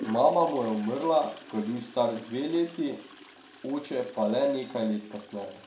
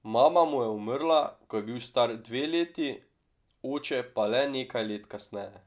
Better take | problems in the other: second | background sound (Toilet flush); 19 dB below the speech // room echo; dies away in 0.4 s

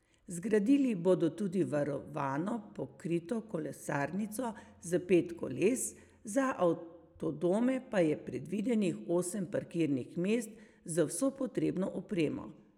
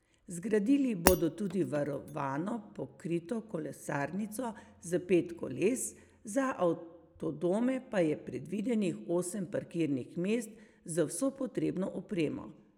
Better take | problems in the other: first | background sound (Shatter); 2 dB below the speech

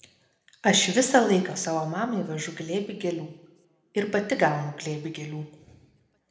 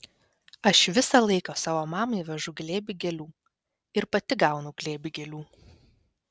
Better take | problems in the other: second | room echo; dies away in 0.8 s

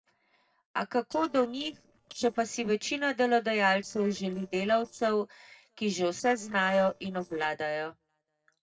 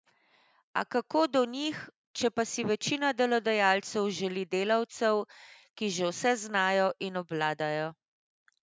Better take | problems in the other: second | noise reduction (neural separator model SepFormer DNS4)

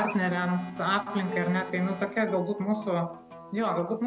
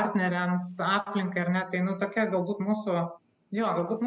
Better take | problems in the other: second | background sound (Acoustic guitar + Alarm); 12 dB below the speech

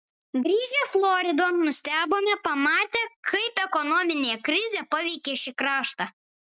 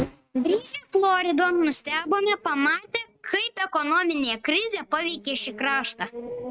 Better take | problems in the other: first | noise reduction (neural mask model RNNoise)

